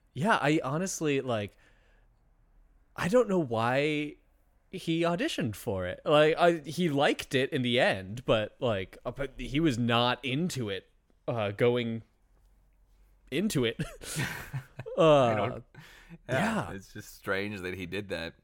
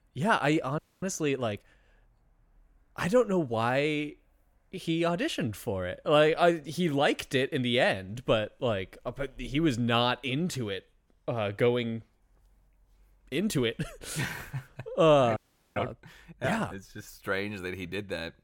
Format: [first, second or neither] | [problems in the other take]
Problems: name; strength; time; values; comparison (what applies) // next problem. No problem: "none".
first | audio freezing; at 1 s and at 15 s